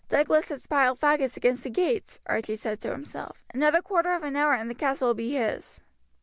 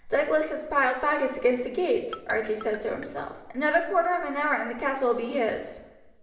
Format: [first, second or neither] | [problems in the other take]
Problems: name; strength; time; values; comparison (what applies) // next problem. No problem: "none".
first | background sound (Marimba, xylophone); 15 dB below the speech // room echo; dies away in 1.1 s